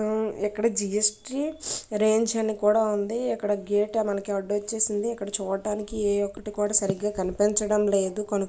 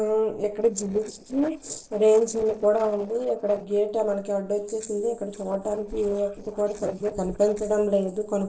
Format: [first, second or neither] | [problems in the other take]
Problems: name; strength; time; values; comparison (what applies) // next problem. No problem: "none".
first | noise reduction (neural separator model SepFormer DNS4)